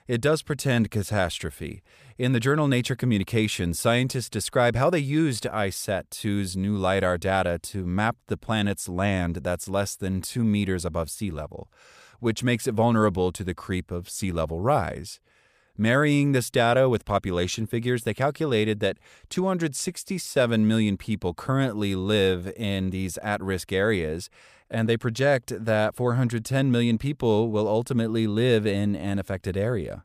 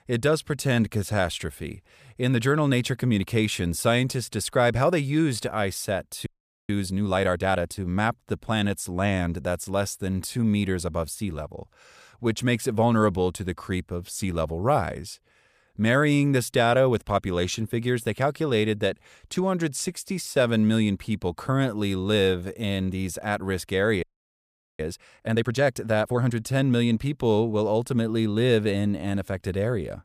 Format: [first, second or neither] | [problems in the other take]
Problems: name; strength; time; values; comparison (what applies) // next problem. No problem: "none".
first | audio freezing; at 6.5 s and at 24 s for 1 s